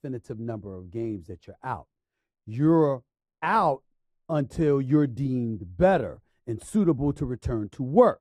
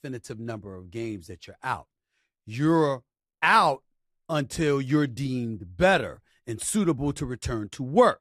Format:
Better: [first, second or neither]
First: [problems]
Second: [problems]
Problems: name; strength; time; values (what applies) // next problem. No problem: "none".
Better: second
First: muffled; slightly; fading above 1.5 kHz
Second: none